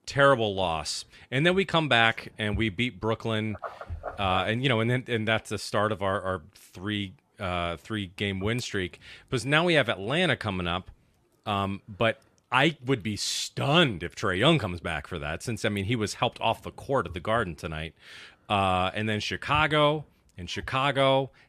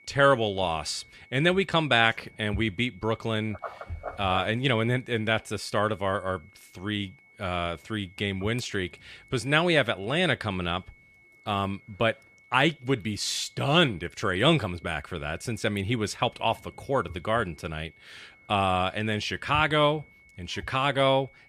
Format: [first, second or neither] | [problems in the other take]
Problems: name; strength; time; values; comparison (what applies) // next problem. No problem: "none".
first | high-pitched whine; faint; throughout; 2 kHz, 30 dB below the speech